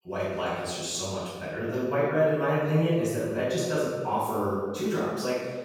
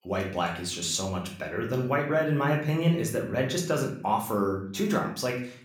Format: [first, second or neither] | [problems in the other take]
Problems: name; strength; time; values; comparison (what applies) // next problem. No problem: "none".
second | room echo; strong; dies away in 1.3 s; slight in the second // off-mic speech; far; somewhat distant in the second